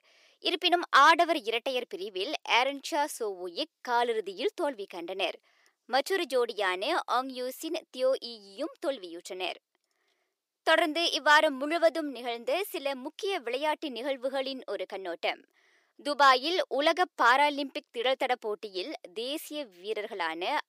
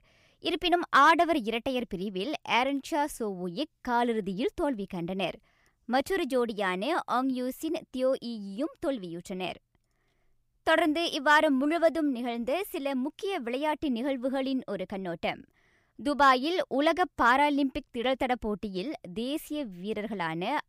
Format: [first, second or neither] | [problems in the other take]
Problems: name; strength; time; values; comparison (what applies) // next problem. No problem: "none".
second | thin; somewhat; fading below 400 Hz